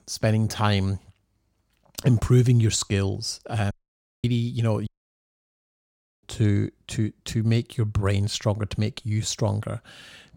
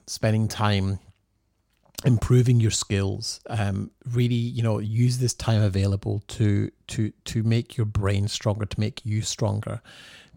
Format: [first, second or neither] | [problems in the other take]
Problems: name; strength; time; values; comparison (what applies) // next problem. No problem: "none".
second | audio cutting out; at 3.5 s for 0.5 s and at 5 s for 1.5 s